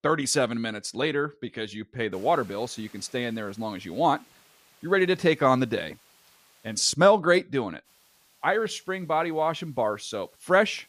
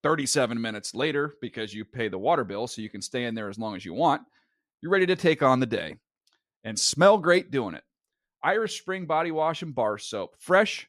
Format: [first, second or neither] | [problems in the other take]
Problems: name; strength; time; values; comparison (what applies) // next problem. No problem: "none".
second | hiss; faint; from 2 to 7 s and from 8 s on; 30 dB below the speech